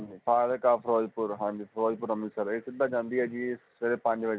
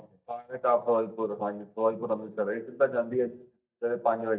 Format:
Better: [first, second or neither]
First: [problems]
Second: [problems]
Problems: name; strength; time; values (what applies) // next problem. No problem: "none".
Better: first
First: none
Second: noise reduction (neural mask model DeepFilterNet 3)